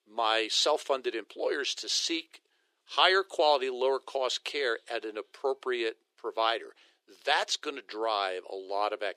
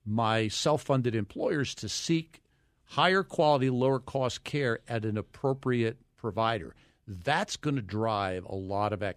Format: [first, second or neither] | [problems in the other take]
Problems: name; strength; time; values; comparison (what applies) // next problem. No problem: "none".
second | thin; very; fading below 350 Hz